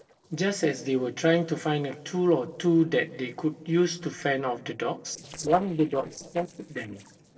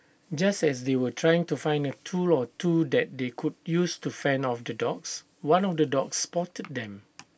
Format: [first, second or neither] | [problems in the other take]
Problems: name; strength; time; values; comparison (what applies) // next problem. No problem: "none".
second | noise reduction (neural separator model SepFormer DNS4)